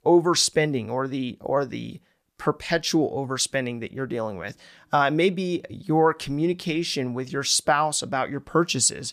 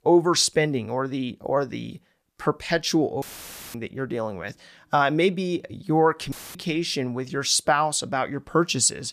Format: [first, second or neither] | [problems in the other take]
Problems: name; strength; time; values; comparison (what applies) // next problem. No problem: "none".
first | audio cutting out; filled with static; at 3 s for 0.5 s and at 6.5 s